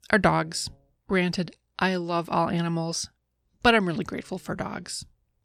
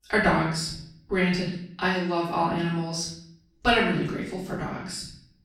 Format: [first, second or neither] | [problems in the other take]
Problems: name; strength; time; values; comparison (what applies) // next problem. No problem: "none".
first | off-mic speech; far // room echo; noticeable; dies away in 0.6 s